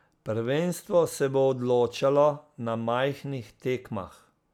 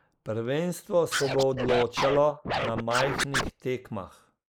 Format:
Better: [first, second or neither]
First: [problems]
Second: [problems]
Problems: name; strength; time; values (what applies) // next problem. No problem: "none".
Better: first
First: none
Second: noise reduction (neural mask model Resemble Enhance denoiser)